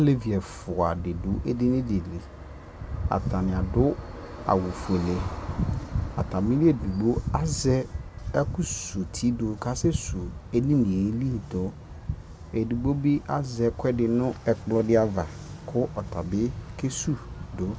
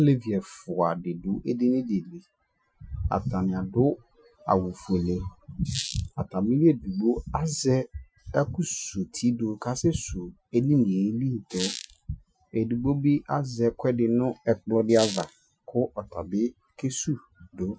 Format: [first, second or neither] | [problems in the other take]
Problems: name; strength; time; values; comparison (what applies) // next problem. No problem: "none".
first | noise reduction (classical method Wiener filter)